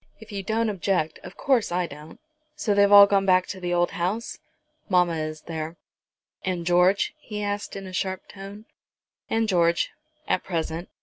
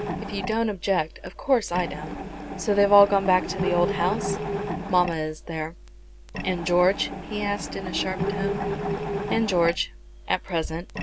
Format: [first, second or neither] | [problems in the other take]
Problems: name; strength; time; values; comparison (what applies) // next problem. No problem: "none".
first | background sound (Mechanisms); 6 dB below the speech